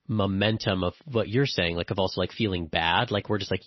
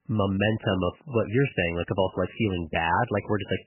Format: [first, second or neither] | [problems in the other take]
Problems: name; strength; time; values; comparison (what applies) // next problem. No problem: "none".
first | garbled, watery; badly; nothing above 3 kHz; slightly in the first